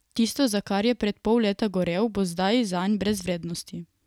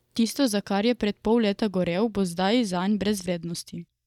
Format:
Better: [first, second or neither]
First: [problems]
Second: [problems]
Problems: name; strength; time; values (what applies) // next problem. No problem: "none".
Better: first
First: none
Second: noise reduction (neural mask model DeepFilterNet 3)